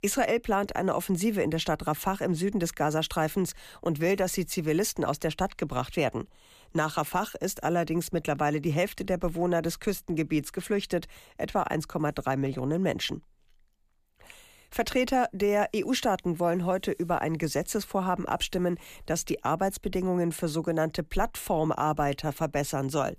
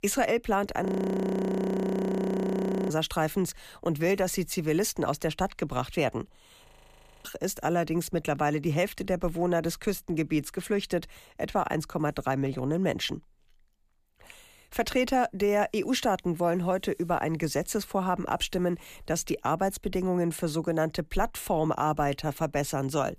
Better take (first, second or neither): first